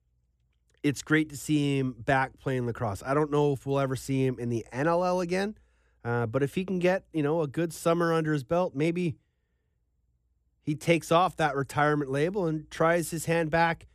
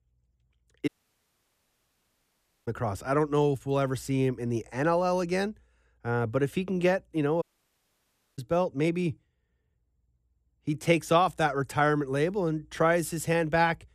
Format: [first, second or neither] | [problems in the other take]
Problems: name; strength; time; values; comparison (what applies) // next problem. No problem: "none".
first | audio cutting out; at 1 s for 2 s and at 7.5 s for 1 s